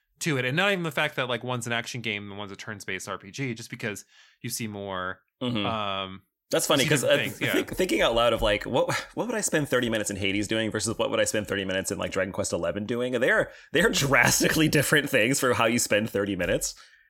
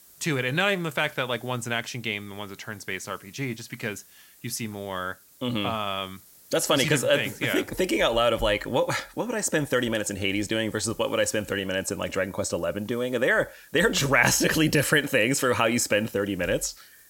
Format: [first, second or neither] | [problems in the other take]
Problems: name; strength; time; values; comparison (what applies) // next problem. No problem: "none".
first | hiss; faint; throughout; 25 dB below the speech